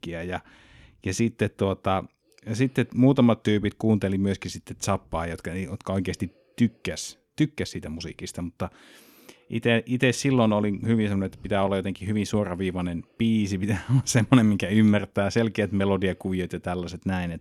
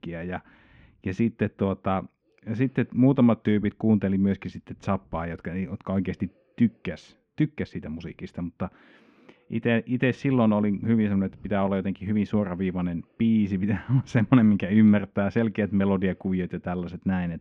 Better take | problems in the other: first | muffled; very; fading above 2 kHz

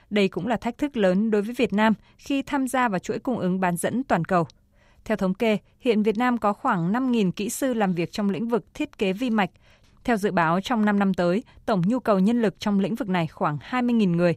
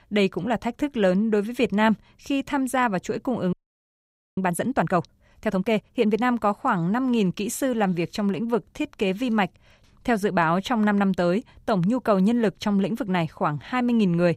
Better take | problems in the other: first | audio freezing; at 3.5 s for 1 s

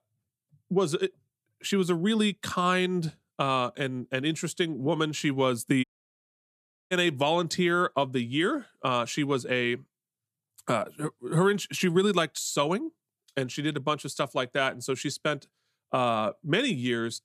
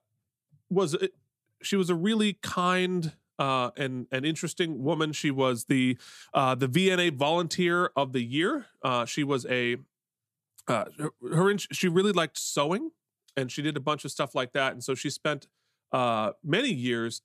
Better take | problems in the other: second | audio cutting out; at 6 s for 1 s

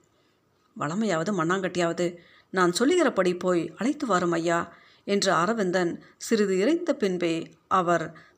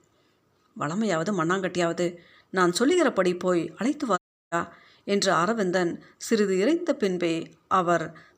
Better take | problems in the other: first | audio cutting out; at 4 s

